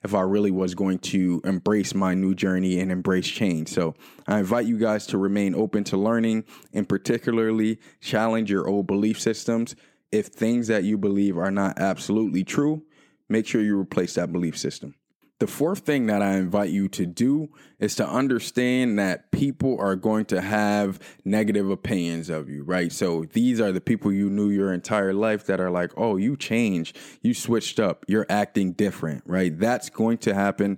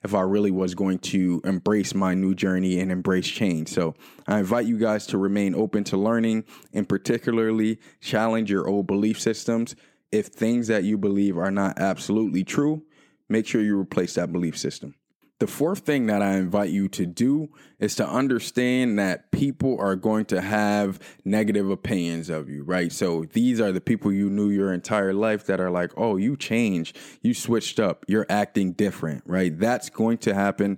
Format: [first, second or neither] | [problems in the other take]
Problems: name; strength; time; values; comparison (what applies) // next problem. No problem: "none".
neither | none